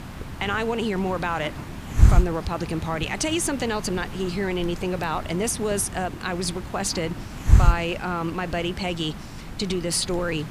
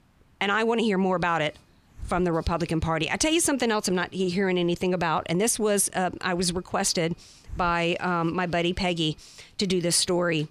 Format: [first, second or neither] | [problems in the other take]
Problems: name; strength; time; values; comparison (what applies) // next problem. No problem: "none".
second | hiss; loud; throughout; 2 dB below the speech; faint in the second